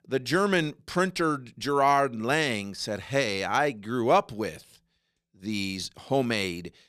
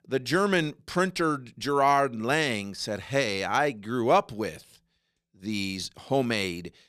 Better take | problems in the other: neither | none

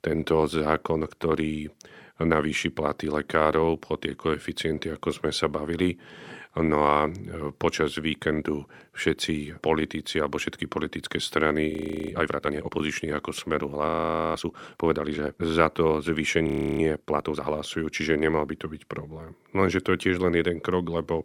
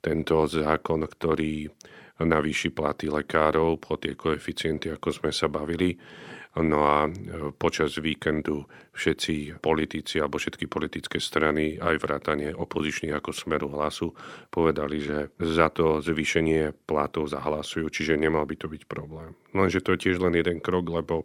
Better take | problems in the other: second | audio freezing; at 12 s, at 14 s and at 16 s

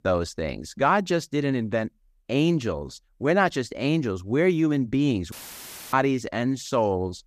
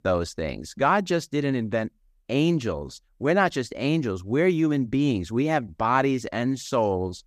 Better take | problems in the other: second | audio cutting out; filled with static; at 5.5 s for 0.5 s

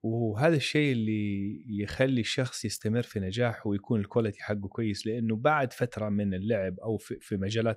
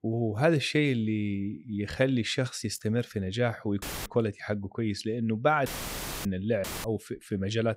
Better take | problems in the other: first | audio cutting out; filled with static; at 4 s, at 5.5 s for 0.5 s and at 6.5 s

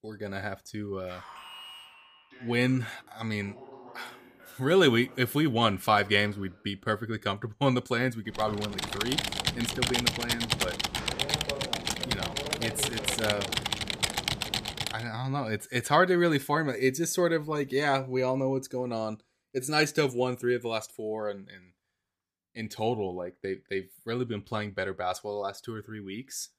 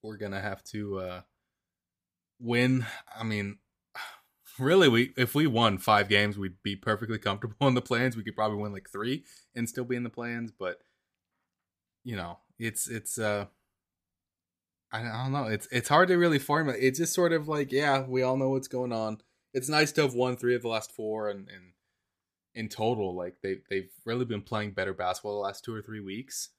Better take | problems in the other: second | alarm; faint; from 1 to 6.5 s; peak 15 dB below the speech // keyboard typing; loud; from 8.5 to 15 s; peak 3 dB above the speech

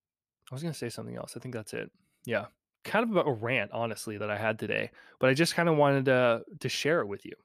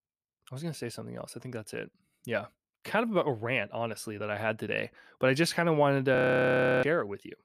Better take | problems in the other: first | audio freezing; at 6 s for 0.5 s

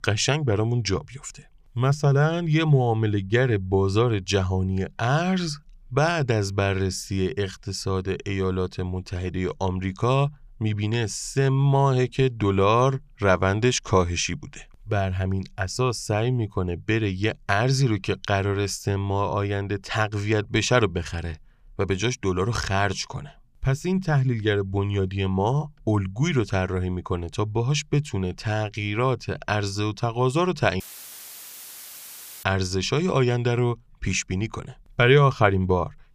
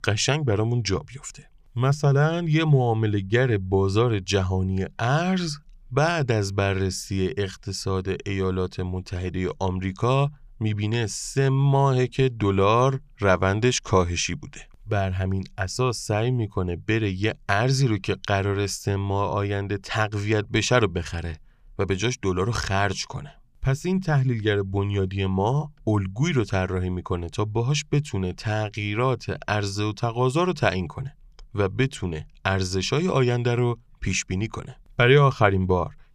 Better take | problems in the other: second | audio cutting out; filled with static; at 31 s for 1.5 s

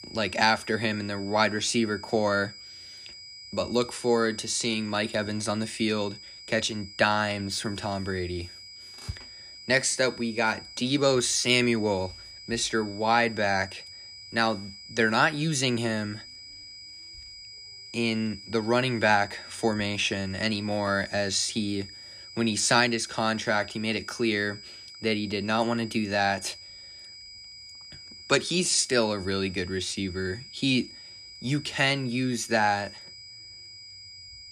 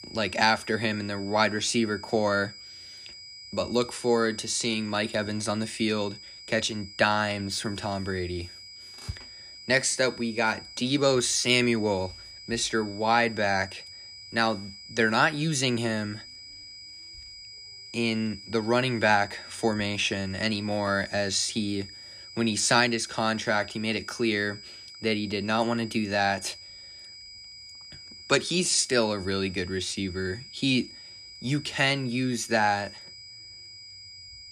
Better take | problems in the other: neither | high-pitched whine; noticeable; throughout; 5 kHz, 15 dB below the speech; the same in both

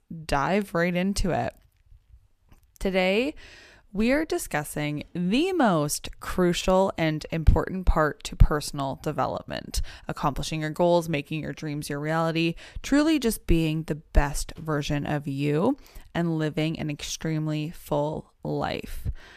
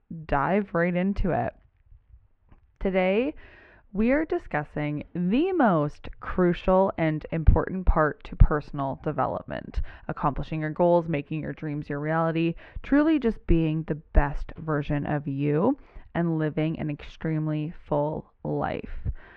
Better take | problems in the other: first | muffled; very; fading above 2 kHz

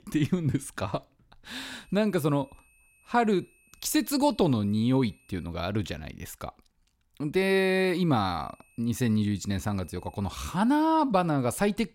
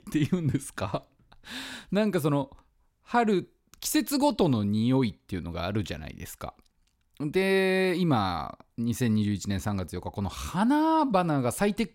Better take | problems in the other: second | high-pitched whine; faint; from 2 to 5.5 s and from 8 to 11 s; 2.5 kHz, 35 dB below the speech

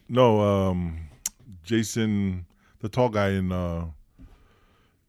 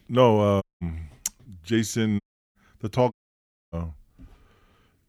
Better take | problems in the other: first | audio cutting out; at 0.5 s, at 2 s and at 3 s for 0.5 s

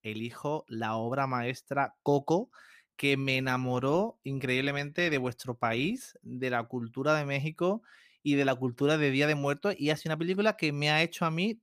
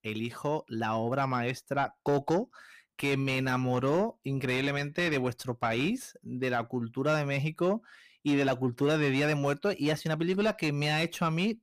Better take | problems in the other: first | distortion; slight; 10 dB below the speech

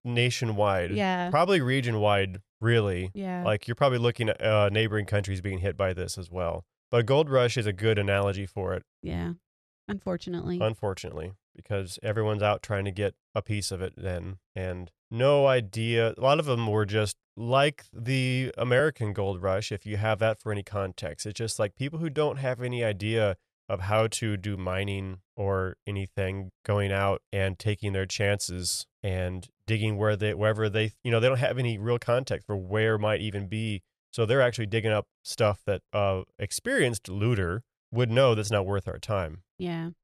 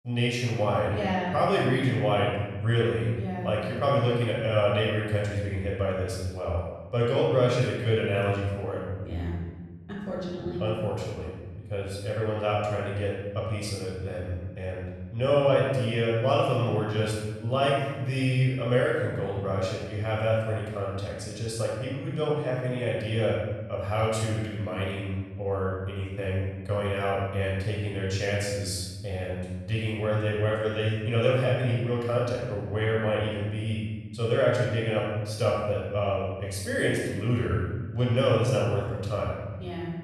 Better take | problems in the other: first | off-mic speech; far // room echo; strong; dies away in 1.4 s

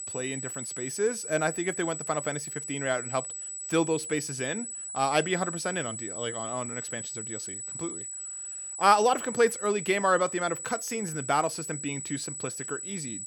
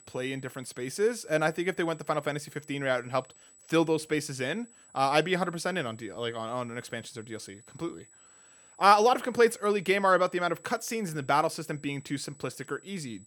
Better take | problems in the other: second | high-pitched whine; loud; throughout; 8 kHz, 6 dB below the speech; faint in the second

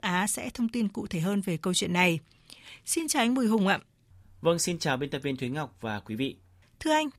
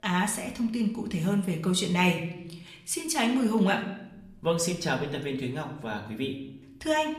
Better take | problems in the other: first | room echo; slight; dies away in 0.7 s // off-mic speech; somewhat distant

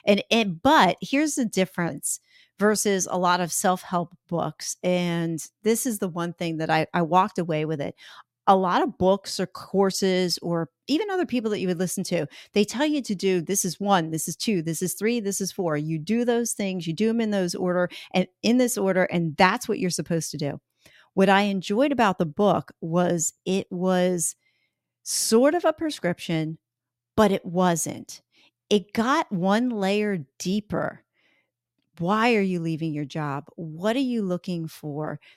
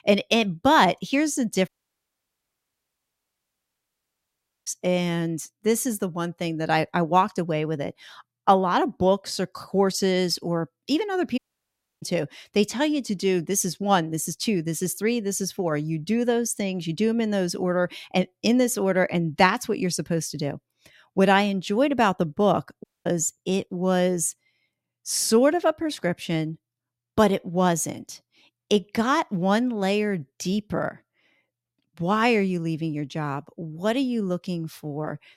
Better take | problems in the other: first | audio cutting out; at 1.5 s for 3 s, at 11 s for 0.5 s and at 23 s

